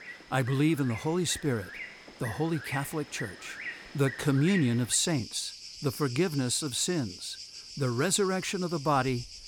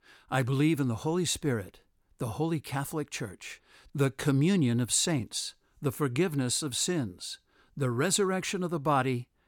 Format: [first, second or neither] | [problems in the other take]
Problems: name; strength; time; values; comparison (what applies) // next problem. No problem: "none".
second | animal sounds; noticeable; throughout; 10 dB below the speech